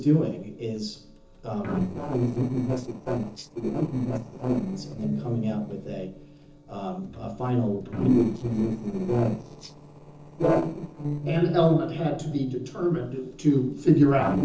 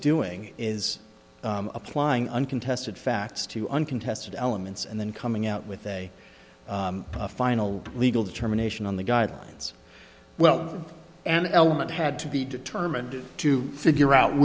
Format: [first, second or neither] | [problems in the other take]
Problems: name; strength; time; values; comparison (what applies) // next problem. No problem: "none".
second | noise reduction (neural separator model SepFormer DNS4)